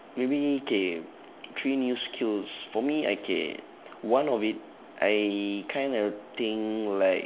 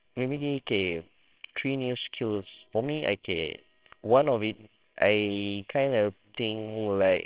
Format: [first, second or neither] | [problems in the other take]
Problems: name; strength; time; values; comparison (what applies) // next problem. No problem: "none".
first | noise reduction (neural separator model SepFormer WHAMR!)